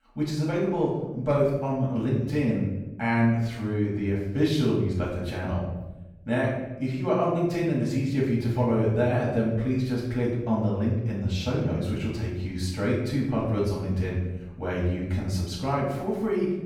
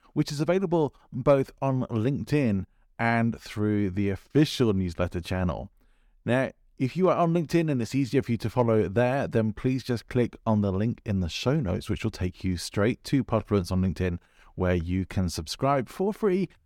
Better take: second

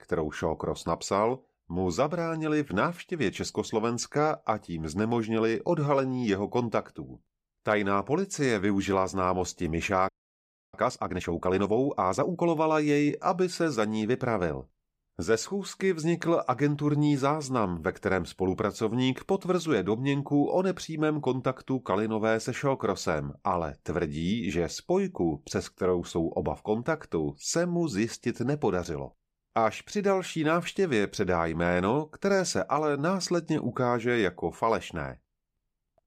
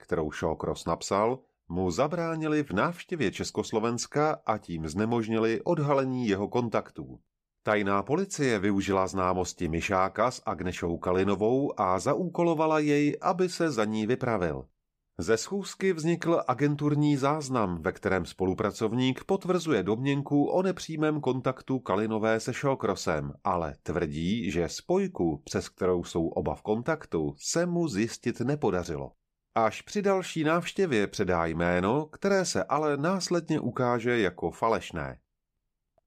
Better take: second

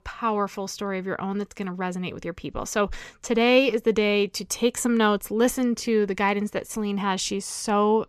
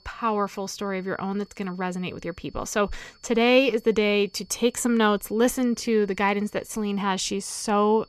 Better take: first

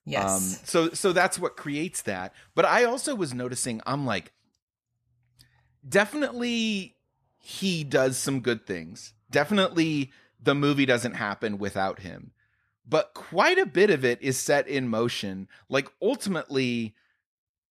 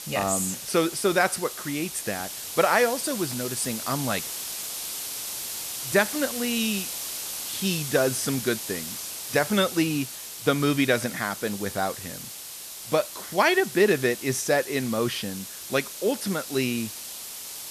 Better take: first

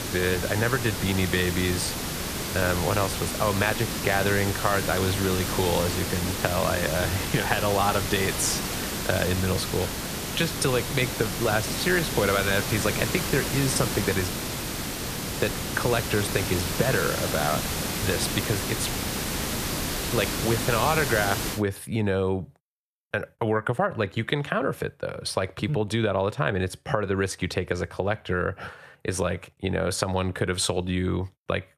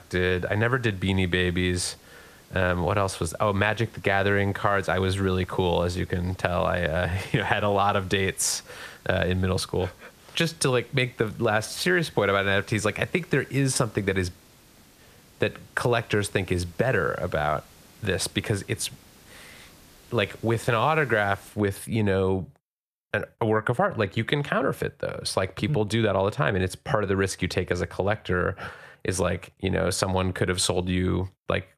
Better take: second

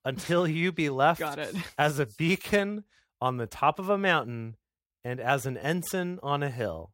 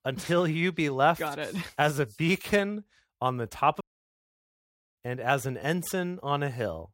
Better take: first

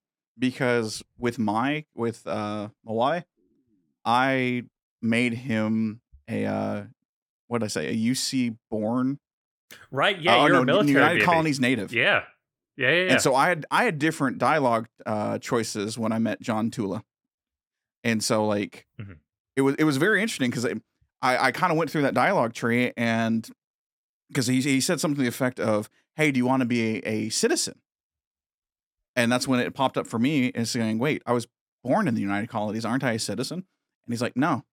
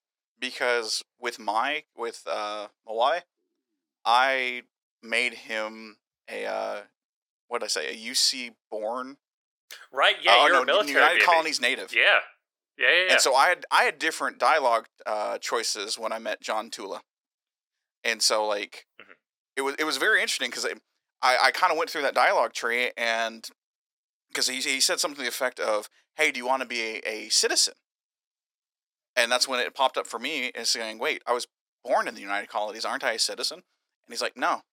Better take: first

